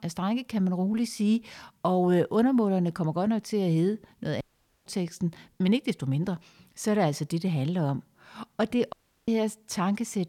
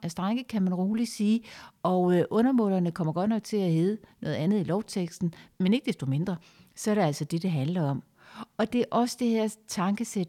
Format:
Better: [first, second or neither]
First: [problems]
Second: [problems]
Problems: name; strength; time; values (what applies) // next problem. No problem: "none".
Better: second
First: audio cutting out; at 4.5 s and at 9 s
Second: none